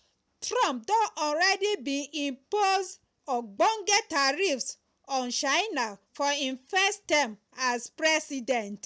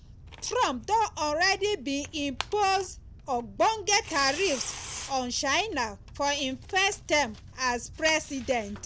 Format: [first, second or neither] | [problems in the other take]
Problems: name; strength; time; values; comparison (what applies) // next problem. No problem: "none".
first | background sound (Tearing); 15 dB below the speech